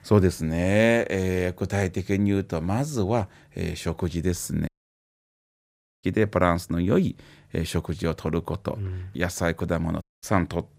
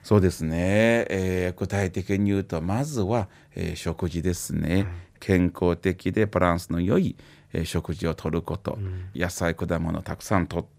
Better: second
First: audio cutting out; at 4.5 s for 1.5 s and at 10 s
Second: none

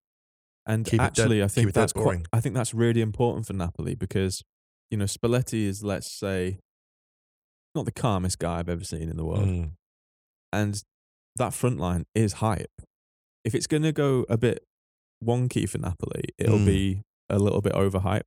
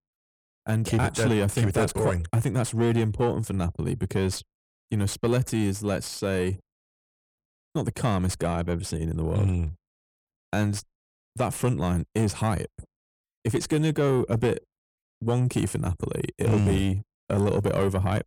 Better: first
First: none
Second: distortion; slight; 10 dB below the speech

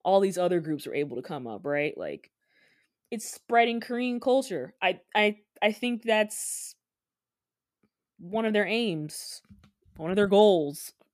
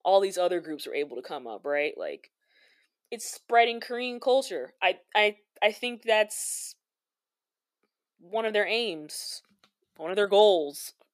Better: first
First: none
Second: thin; somewhat; fading below 500 Hz

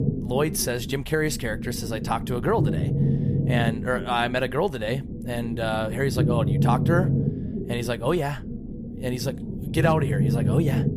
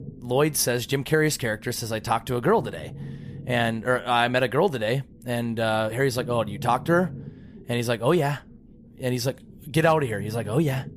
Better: second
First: low rumble; loud; throughout; 8 dB below the speech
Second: low rumble; faint; throughout; 25 dB below the speech

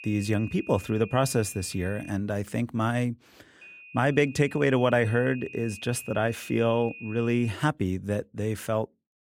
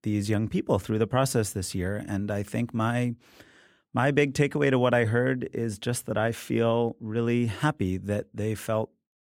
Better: second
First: high-pitched whine; noticeable; until 2 s and from 3.5 to 7.5 s; 2.5 kHz, 15 dB below the speech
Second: none

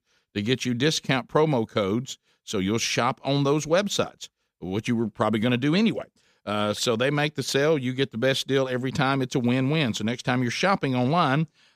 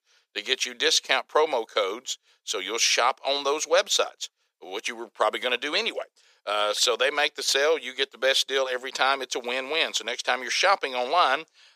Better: first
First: none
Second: thin; very; fading below 450 Hz

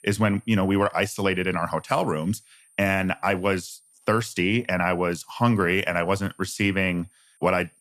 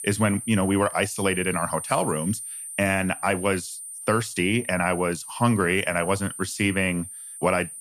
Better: first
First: high-pitched whine; faint; throughout; 9 kHz, 30 dB below the speech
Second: high-pitched whine; loud; throughout; 9 kHz, 9 dB below the speech

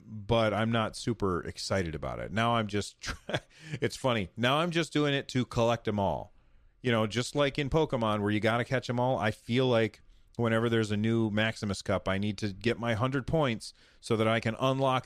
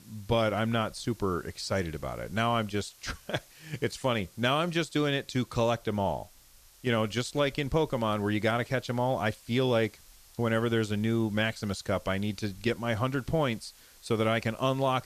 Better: first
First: none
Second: hiss; faint; throughout; 25 dB below the speech

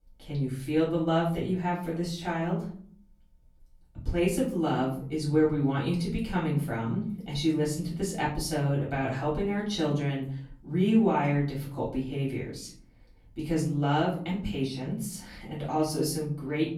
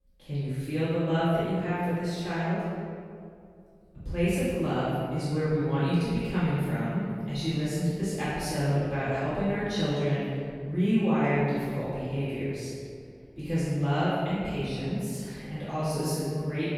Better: first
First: room echo; slight; dies away in 0.5 s // off-mic speech; far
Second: room echo; strong; dies away in 2 s // off-mic speech; far

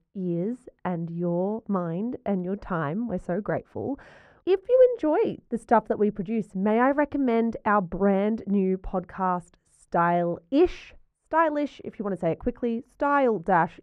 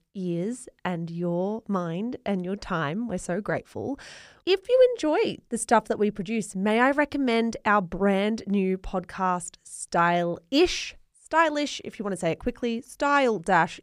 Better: second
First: muffled; very; fading above 2.5 kHz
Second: none

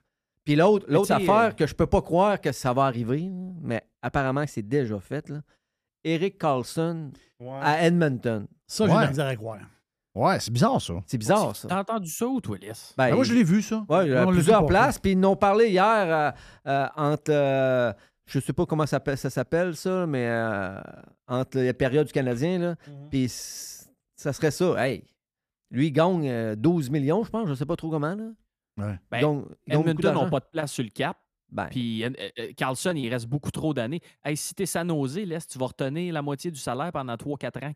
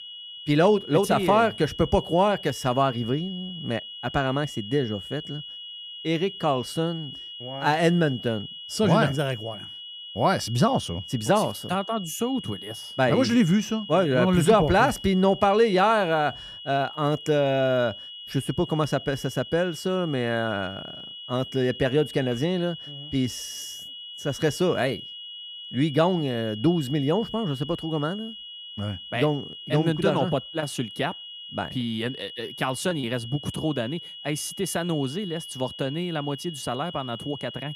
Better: first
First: none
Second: high-pitched whine; noticeable; throughout; 3 kHz, 10 dB below the speech

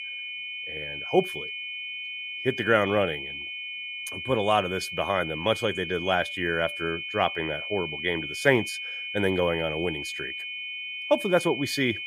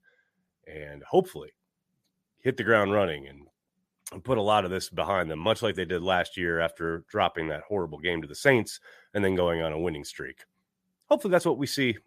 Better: second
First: high-pitched whine; loud; throughout; 2.5 kHz, 6 dB below the speech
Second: none

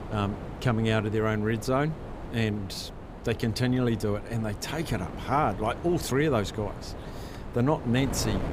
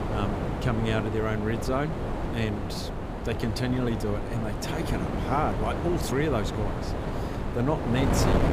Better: first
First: wind noise on the microphone; occasional gusts; 10 dB below the speech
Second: wind noise on the microphone; heavy; 2 dB below the speech

